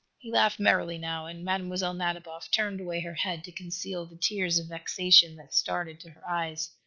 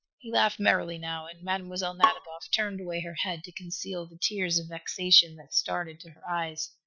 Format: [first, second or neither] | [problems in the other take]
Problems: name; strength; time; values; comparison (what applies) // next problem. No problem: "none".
first | noise reduction (classical method spectral subtraction)